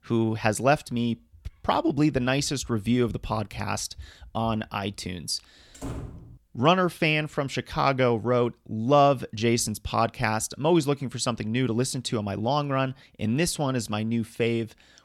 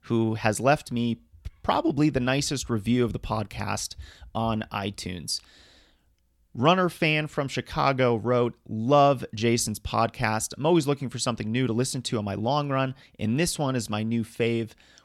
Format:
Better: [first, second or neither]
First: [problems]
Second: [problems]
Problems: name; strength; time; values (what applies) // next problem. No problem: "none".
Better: second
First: door banging; faint; at 6 s; peak 10 dB below the speech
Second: none